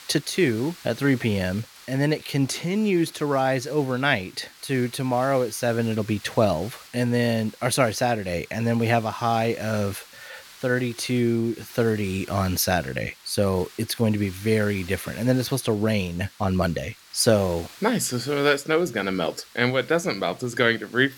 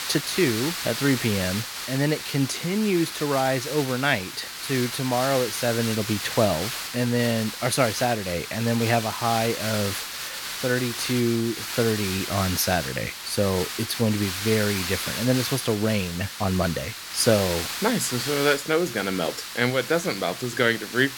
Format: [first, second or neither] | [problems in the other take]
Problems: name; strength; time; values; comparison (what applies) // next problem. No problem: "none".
first | hiss; loud; throughout; 5 dB below the speech; faint in the first